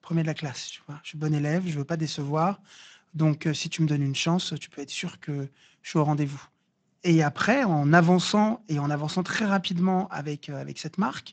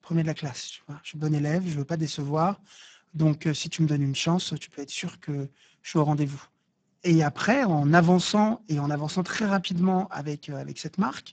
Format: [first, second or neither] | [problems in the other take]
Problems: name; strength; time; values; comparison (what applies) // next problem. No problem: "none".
first | garbled, watery; badly; nothing above 7.5 kHz; slightly in the first